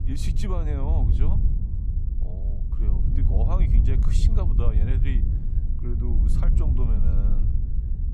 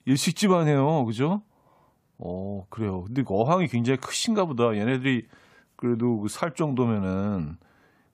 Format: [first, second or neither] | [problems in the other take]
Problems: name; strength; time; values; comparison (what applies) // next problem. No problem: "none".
second | wind noise on the microphone; heavy; 2 dB below the speech